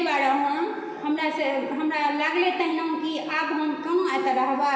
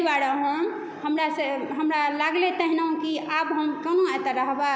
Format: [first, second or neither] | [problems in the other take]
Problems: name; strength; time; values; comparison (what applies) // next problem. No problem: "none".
second | room echo; dies away in 1.2 s